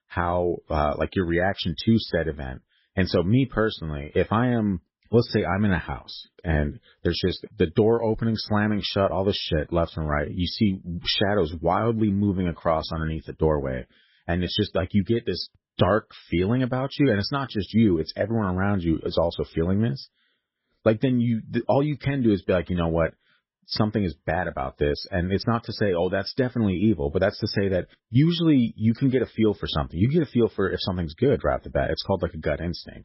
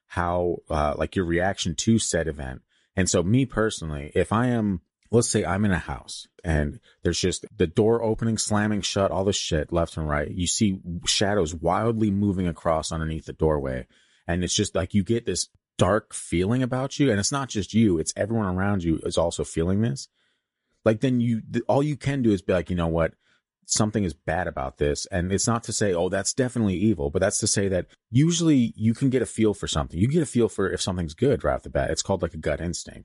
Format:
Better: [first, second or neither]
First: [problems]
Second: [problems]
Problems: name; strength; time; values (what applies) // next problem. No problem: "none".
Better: second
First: garbled, watery; badly; nothing above 5.5 kHz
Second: garbled, watery; slightly; nothing above 11 kHz